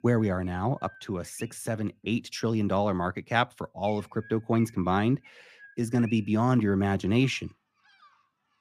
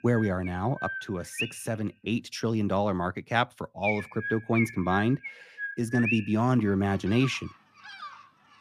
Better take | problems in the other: first | animal sounds; loud; throughout; 7 dB below the speech; faint in the first

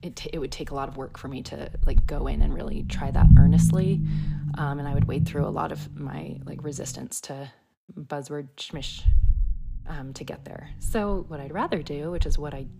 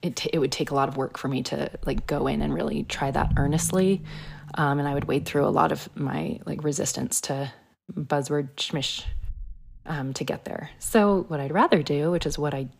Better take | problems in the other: second | low rumble; loud; until 7 s and from 8.5 s on; as loud as the speech; faint in the second

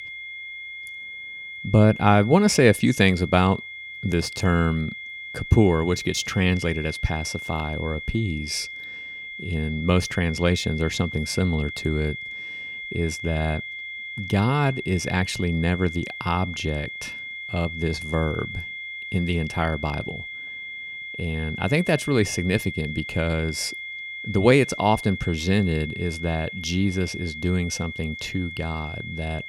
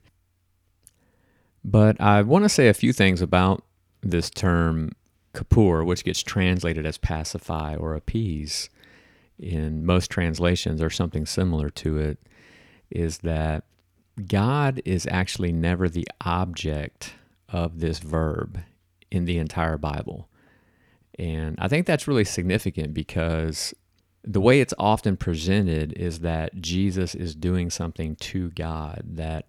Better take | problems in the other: second | high-pitched whine; loud; throughout; 2 kHz, 9 dB below the speech

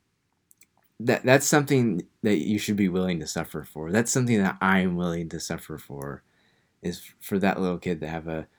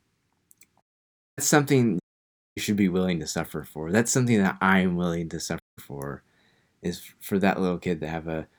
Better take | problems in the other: first | audio cutting out; at 1 s for 0.5 s, at 2 s for 0.5 s and at 5.5 s

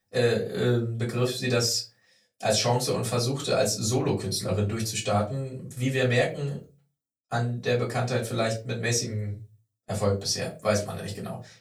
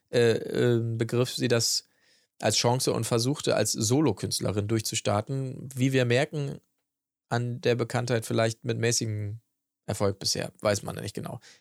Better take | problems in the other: second | off-mic speech; far // room echo; very slight; dies away in 0.2 s

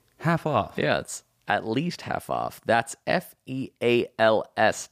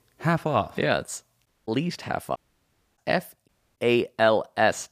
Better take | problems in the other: first | audio cutting out; at 1.5 s, at 2.5 s for 0.5 s and at 3.5 s

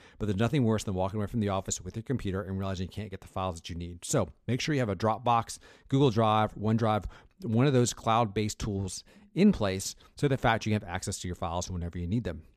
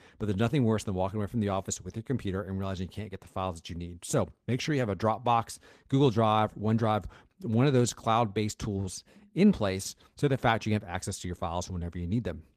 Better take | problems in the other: first | garbled, watery; slightly; nothing above 14.5 kHz

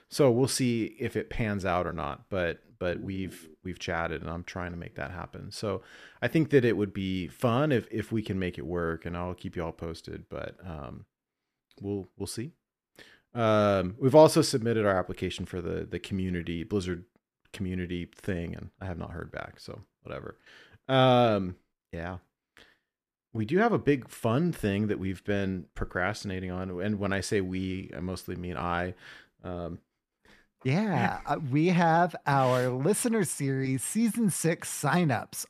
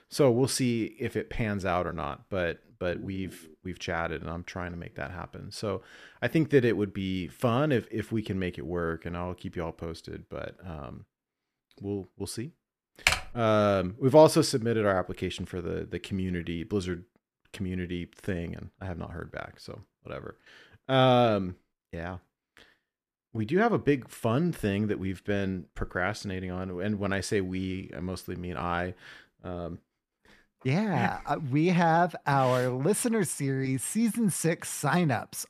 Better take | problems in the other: first | keyboard typing; loud; at 13 s; peak 3 dB above the speech

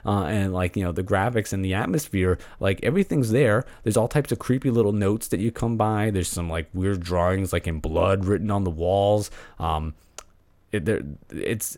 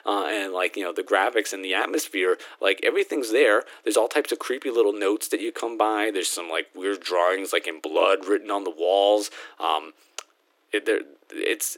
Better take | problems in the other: first | thin; very; fading below 300 Hz

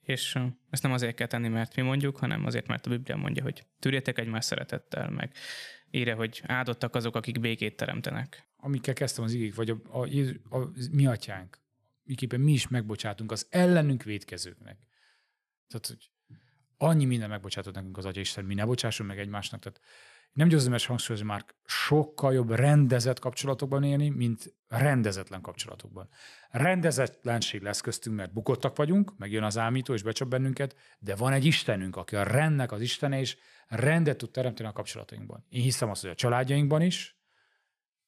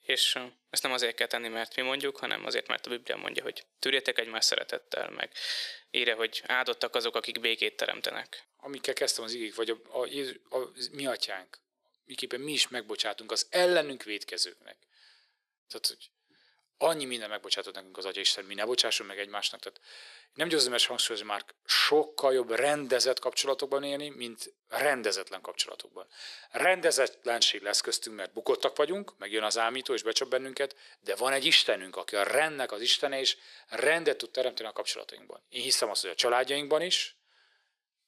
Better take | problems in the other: first | thin; very; fading below 400 Hz

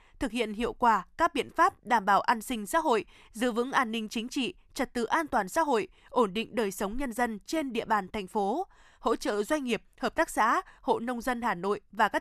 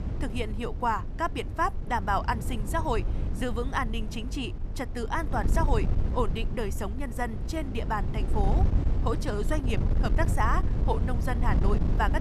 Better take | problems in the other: first | wind noise on the microphone; occasional gusts; 10 dB below the speech

